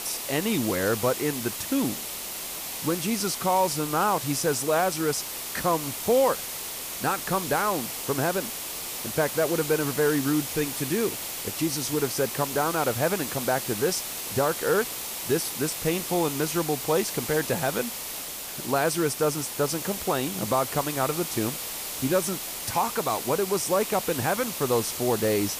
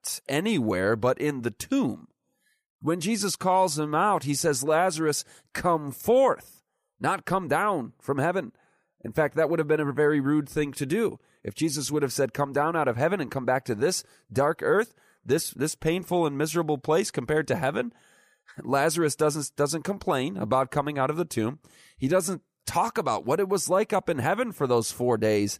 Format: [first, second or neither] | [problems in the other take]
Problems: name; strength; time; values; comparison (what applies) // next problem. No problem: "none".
second | hiss; loud; throughout; 4 dB below the speech